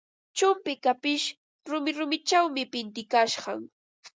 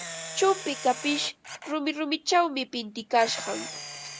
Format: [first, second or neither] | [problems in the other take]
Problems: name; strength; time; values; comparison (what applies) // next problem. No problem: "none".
first | background sound (Camera); 12 dB below the speech